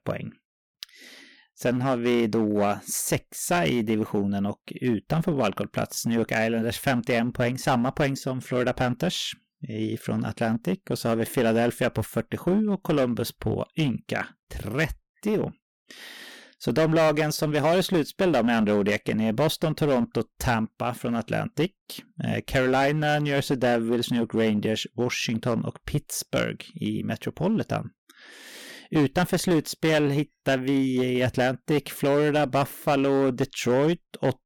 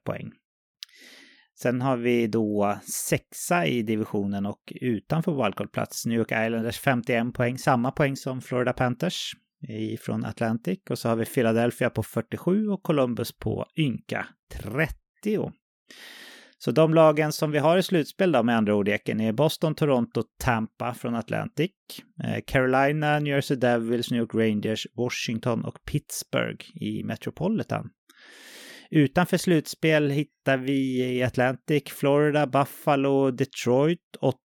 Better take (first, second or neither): second